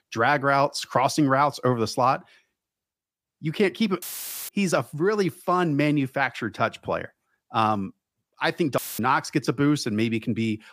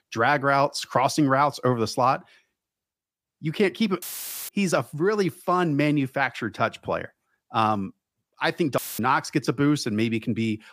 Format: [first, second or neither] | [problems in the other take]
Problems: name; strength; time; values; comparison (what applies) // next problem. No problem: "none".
neither | audio cutting out; filled with static; at 4 s and at 9 s; the same in both